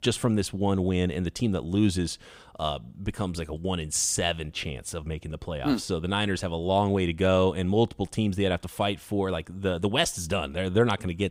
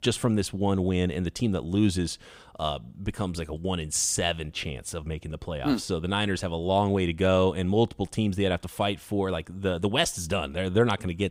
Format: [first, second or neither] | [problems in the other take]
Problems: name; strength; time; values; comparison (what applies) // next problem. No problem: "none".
neither | none